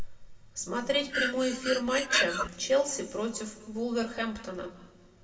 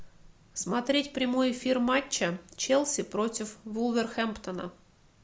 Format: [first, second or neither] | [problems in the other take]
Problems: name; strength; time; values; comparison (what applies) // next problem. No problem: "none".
second | background sound (Breathing); as loud as the speech // room echo; dies away in 1.3 s